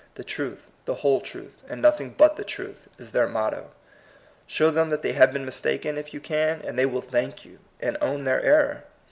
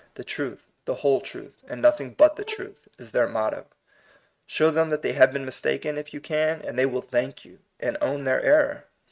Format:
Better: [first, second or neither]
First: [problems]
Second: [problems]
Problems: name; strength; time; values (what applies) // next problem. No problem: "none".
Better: first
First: none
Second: noise reduction (neural mask model RNNoise)